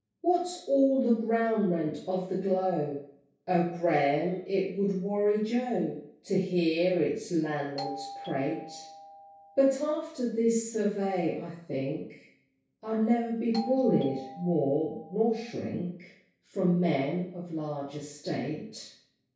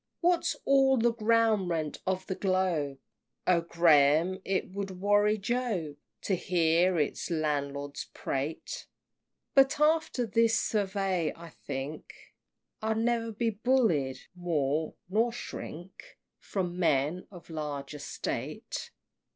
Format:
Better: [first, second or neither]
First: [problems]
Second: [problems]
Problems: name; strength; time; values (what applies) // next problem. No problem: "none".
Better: second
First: background sound (Doorbell); 14 dB below the speech // room echo; dies away in 0.6 s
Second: none